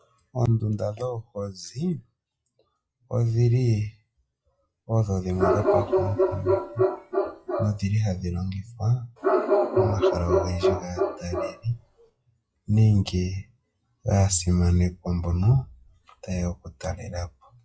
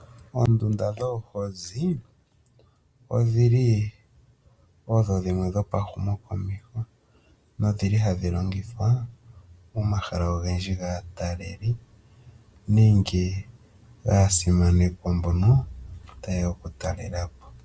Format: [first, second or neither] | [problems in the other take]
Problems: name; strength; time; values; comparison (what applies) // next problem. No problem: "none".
second | noise reduction (classical method log-MMSE)